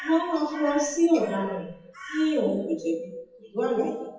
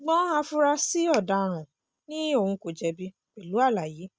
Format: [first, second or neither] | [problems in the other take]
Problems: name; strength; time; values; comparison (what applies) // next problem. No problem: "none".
second | noise reduction (classical method WPE with log-MMSE)